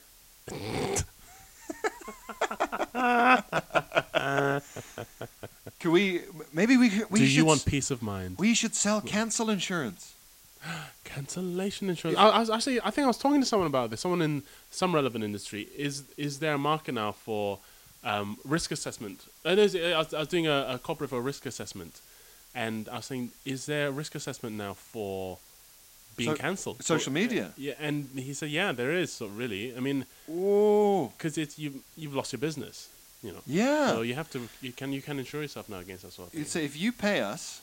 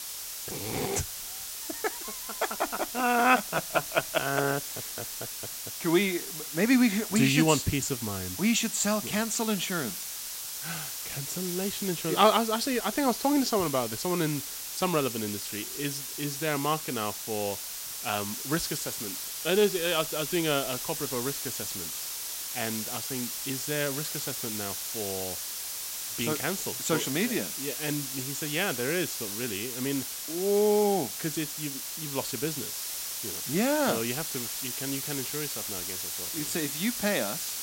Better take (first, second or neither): first